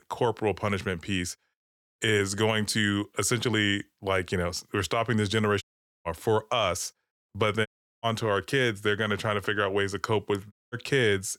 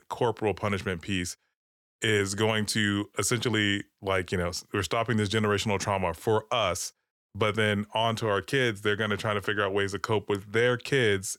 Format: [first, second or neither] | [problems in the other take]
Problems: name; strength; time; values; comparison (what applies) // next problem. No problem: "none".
second | audio cutting out; at 5.5 s, at 7.5 s and at 11 s